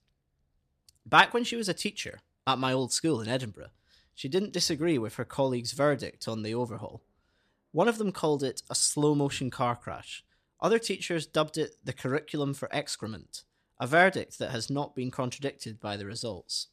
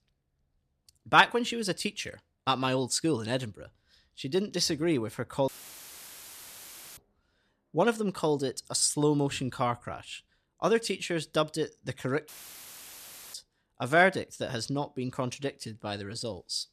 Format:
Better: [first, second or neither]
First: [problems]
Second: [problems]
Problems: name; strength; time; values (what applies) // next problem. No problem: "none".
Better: first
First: none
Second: audio cutting out; filled with static; at 5.5 s for 1.5 s and at 12 s for 1 s